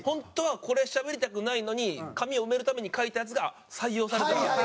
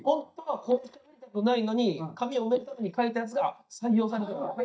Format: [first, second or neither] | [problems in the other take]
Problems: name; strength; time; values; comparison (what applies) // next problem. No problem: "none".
first | noise reduction (neural mask model DeepFilterNet 3)